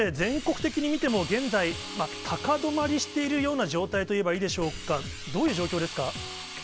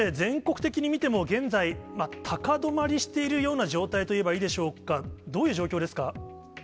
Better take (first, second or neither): second